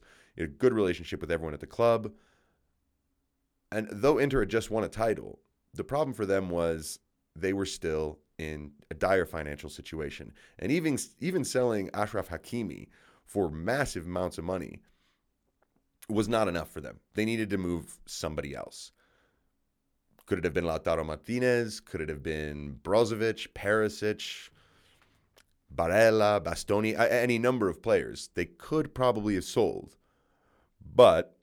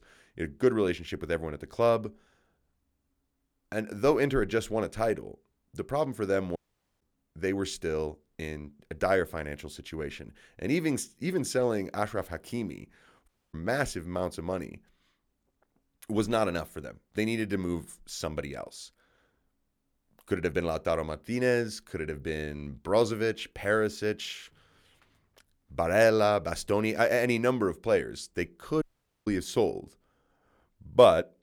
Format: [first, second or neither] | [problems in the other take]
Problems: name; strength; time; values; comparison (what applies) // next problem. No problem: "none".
first | audio cutting out; at 6.5 s, at 13 s and at 29 s